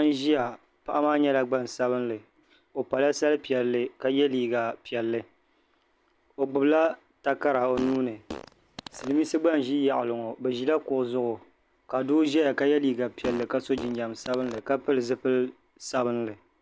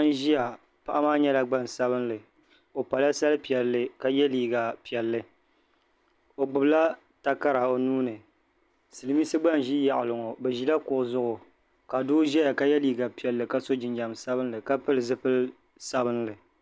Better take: second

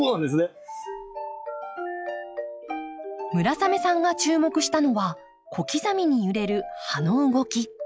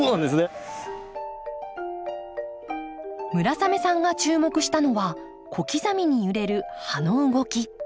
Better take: second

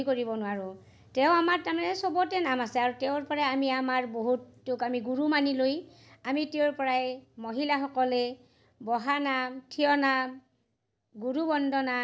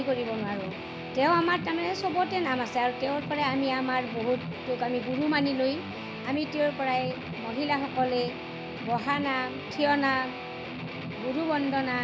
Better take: first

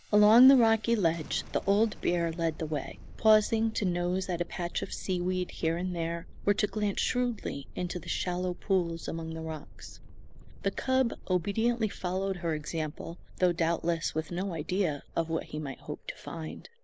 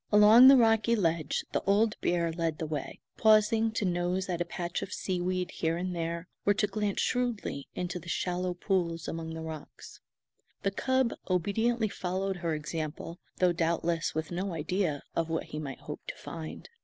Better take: second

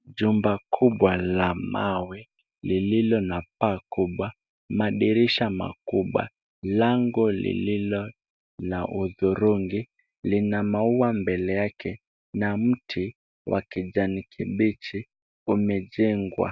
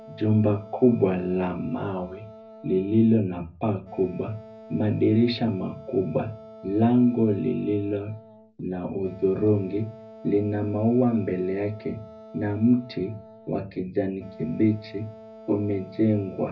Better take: first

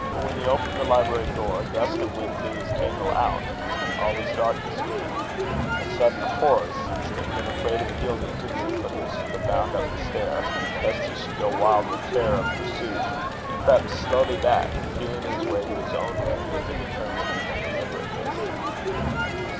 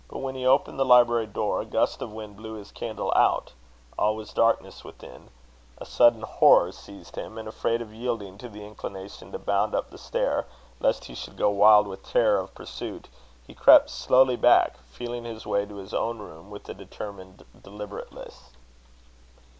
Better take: second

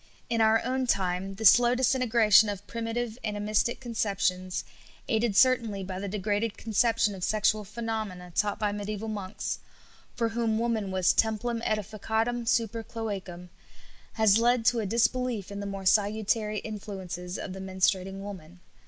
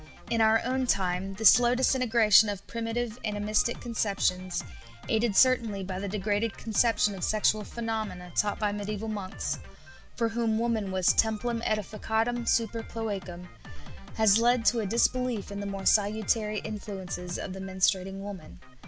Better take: first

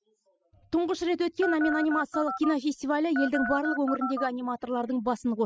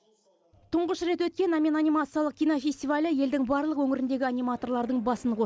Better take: second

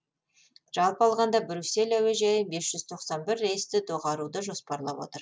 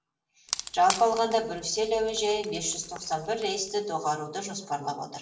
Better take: first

